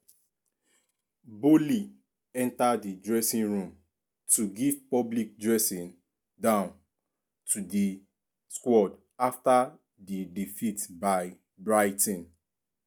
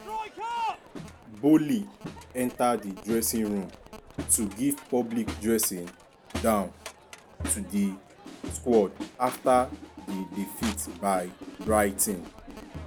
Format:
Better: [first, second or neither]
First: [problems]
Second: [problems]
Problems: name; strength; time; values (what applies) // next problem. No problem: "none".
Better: first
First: none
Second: background sound (Crowd); 11 dB below the speech